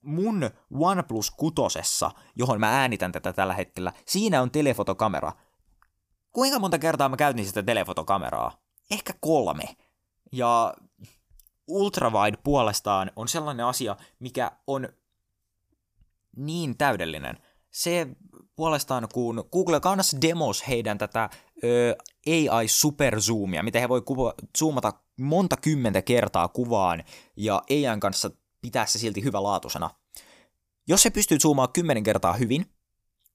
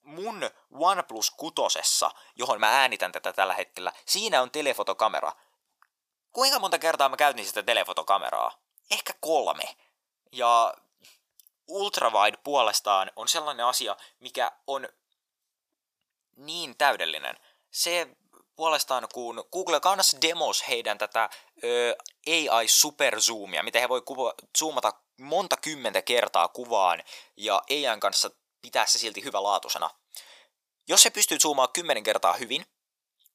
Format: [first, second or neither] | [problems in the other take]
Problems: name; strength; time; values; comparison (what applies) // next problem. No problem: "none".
first | thin; very; fading below 700 Hz